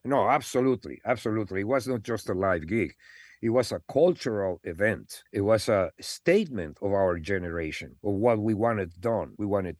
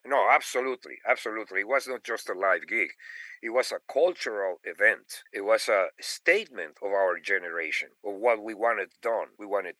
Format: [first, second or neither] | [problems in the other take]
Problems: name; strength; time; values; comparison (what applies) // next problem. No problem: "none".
first | thin; very; fading below 500 Hz